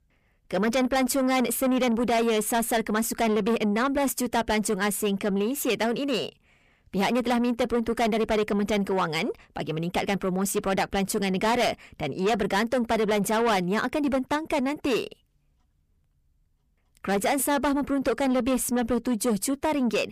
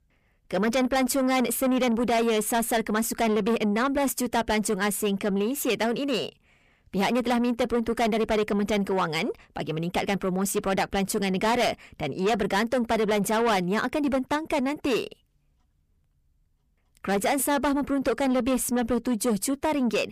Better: neither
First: distortion; heavy; 8 dB below the speech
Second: distortion; heavy; 8 dB below the speech

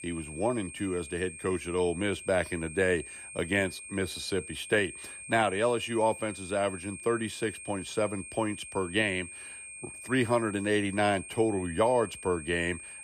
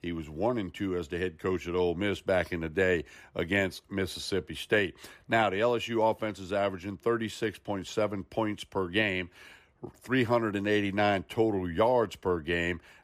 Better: second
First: high-pitched whine; noticeable; throughout; 2.5 kHz, 10 dB below the speech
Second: none

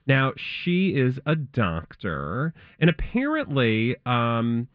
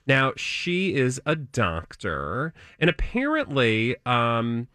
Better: second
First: muffled; slightly; fading above 4 kHz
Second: none

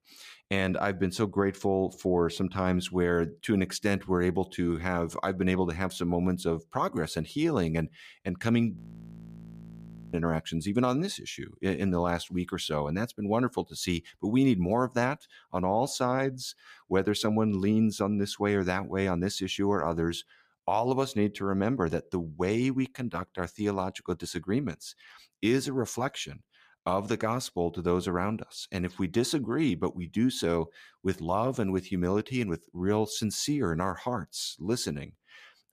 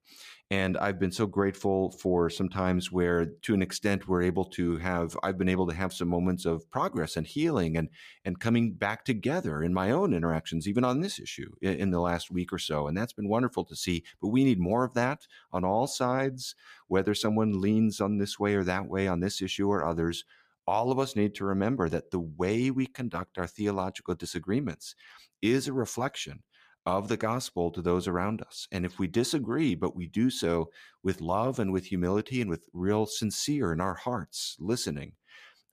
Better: second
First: audio freezing; at 9 s for 1.5 s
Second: none

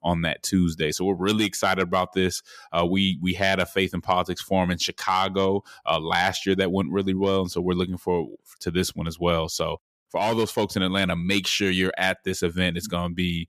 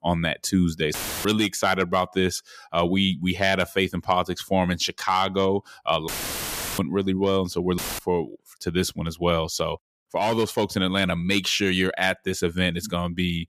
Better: first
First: none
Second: audio cutting out; filled with static; at 1 s, at 6 s for 0.5 s and at 8 s

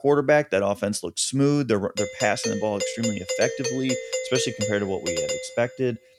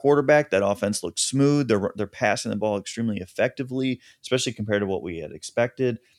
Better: second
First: doorbell; noticeable; from 2 to 5.5 s; peak 2 dB below the speech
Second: none

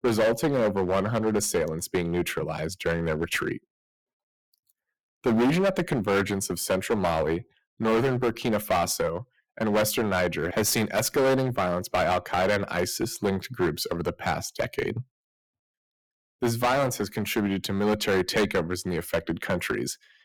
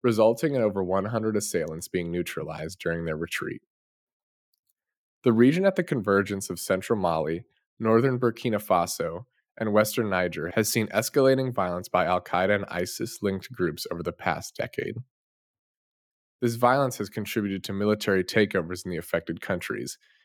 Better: second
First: distortion; heavy; 10% of the sound clipped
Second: none

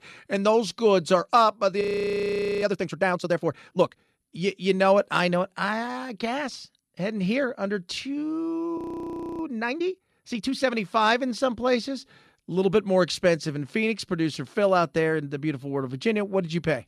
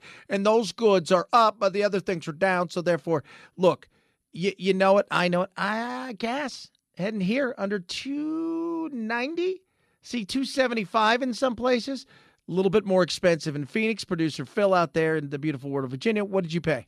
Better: second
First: audio freezing; at 2 s for 1 s and at 9 s for 0.5 s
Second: none

